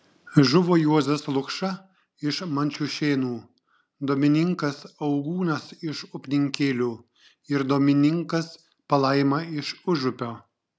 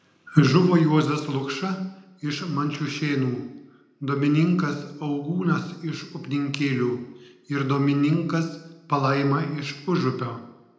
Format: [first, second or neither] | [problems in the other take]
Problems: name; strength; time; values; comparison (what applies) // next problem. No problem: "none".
first | room echo; dies away in 0.8 s